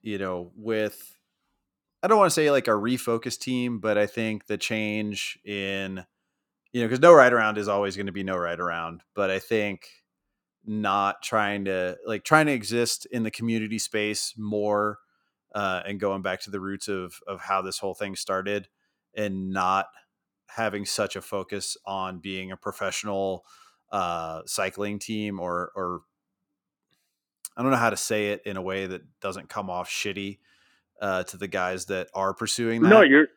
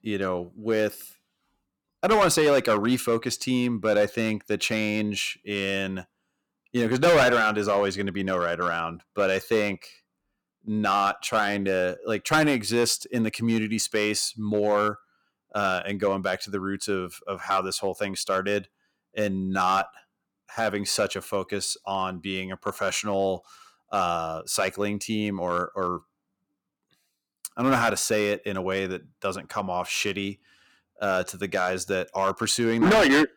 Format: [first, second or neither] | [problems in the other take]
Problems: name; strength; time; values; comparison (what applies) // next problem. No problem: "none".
first | distortion; heavy; 3% of the sound clipped